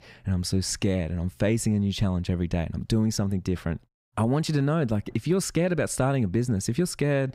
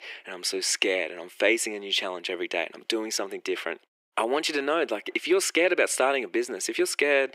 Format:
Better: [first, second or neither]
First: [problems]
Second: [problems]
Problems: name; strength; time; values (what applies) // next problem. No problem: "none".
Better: first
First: none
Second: thin; very; fading below 350 Hz